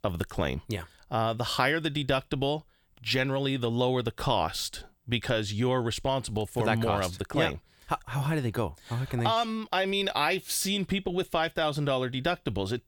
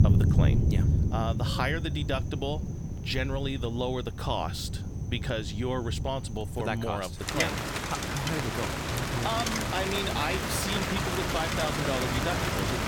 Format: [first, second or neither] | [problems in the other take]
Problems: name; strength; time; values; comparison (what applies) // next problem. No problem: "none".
first | rain or running water; very loud; throughout; 3 dB above the speech